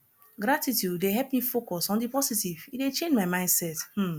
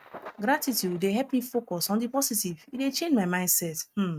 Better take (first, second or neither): first